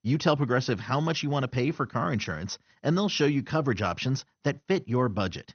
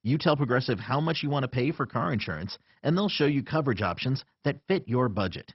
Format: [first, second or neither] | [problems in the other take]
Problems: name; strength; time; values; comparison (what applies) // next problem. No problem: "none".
first | garbled, watery; badly; nothing above 5.5 kHz; slightly in the first